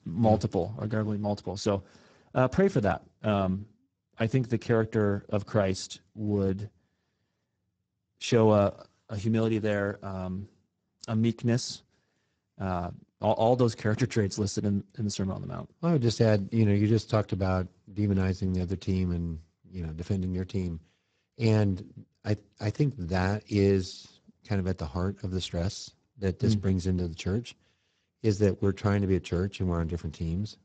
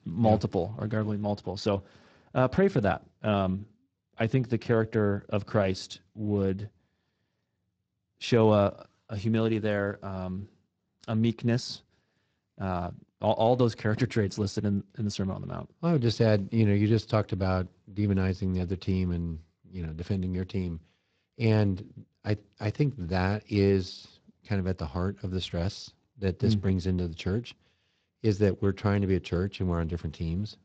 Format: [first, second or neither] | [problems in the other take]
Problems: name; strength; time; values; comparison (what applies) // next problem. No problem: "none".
second | garbled, watery; badly; nothing above 8 kHz; slightly in the second